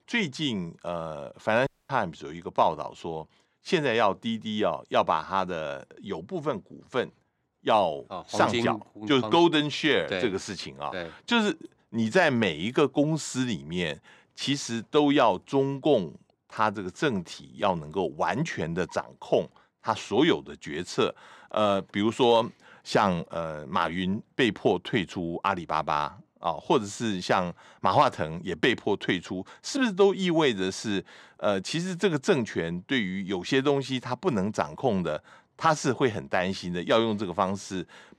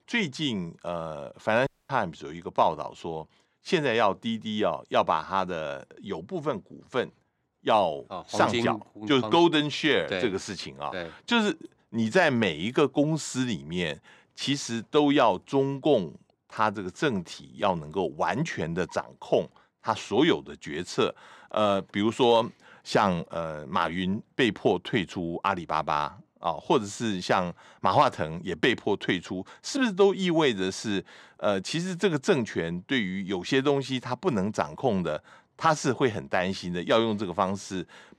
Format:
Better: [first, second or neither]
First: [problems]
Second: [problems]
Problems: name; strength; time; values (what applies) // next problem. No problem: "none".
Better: neither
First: audio cutting out; at 1.5 s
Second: audio cutting out; at 1.5 s